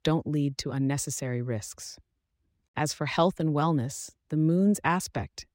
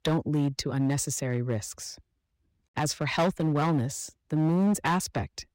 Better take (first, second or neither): first